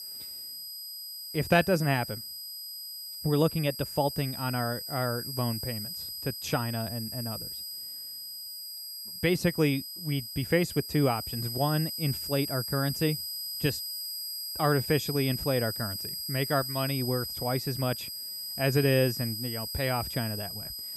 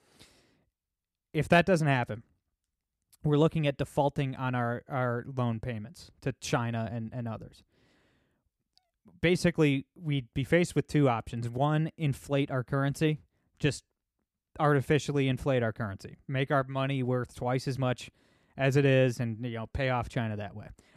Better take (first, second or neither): second